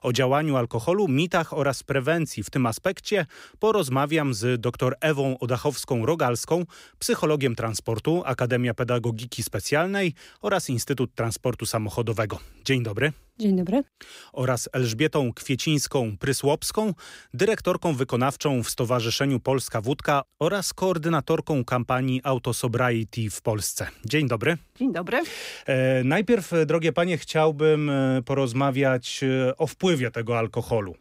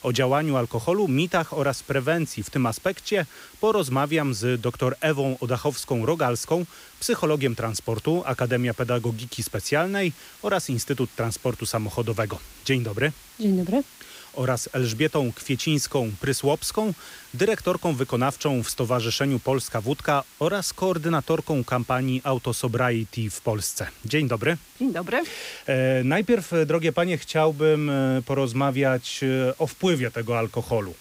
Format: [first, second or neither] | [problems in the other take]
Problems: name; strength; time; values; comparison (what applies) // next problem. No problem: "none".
first | hiss; faint; throughout; 20 dB below the speech